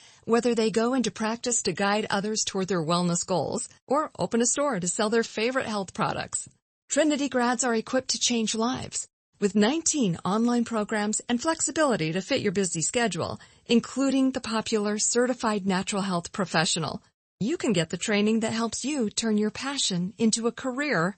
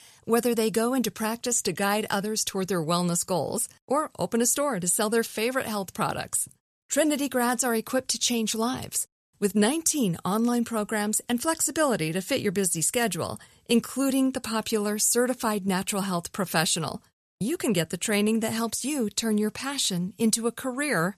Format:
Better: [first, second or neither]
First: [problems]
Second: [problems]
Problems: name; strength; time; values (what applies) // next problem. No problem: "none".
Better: second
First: garbled, watery; slightly; nothing above 8 kHz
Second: none